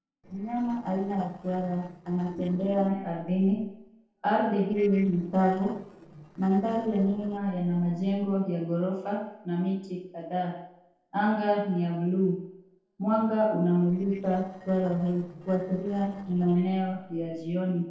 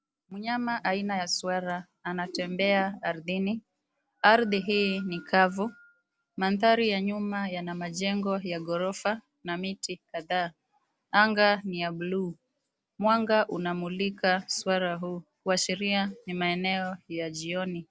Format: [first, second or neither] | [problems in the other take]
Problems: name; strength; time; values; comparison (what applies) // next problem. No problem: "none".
second | noise reduction (neural separator model SepFormer DNS4)